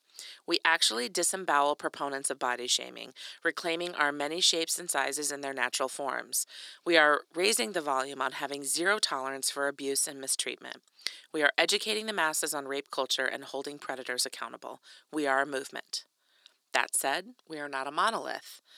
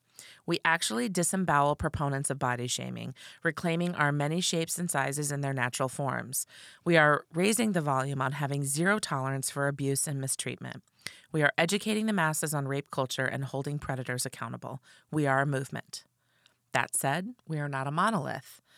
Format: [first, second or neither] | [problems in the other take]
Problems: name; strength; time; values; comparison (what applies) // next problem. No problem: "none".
second | thin; somewhat; fading below 350 Hz